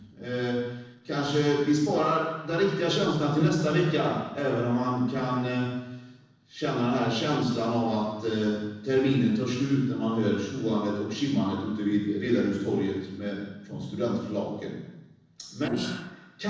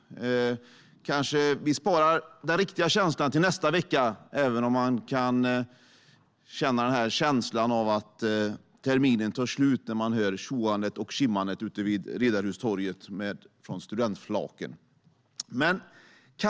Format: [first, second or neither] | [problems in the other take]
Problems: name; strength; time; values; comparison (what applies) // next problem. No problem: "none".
second | noise reduction (neural separator model SepFormer DNS4)